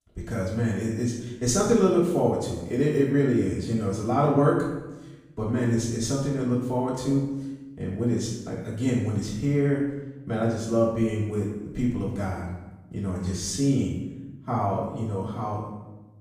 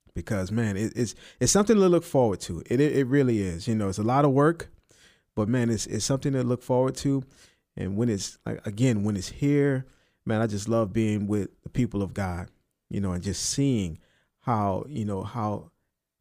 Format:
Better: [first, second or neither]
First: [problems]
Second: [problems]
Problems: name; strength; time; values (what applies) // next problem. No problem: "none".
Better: second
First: room echo; noticeable; dies away in 0.9 s // off-mic speech; far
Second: none